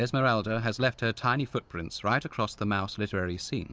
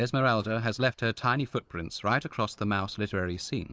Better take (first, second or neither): first